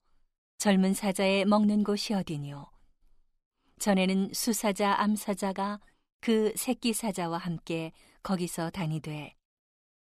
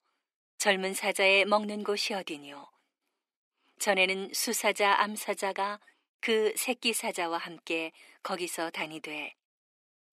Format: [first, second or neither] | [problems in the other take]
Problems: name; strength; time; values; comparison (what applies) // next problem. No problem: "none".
first | thin; somewhat; fading below 300 Hz